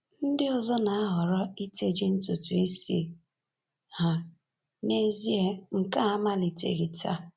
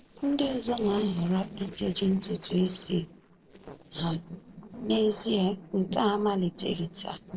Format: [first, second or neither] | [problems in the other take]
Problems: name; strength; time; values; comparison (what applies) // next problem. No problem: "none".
first | noise reduction (neural separator model SepFormer DNS4)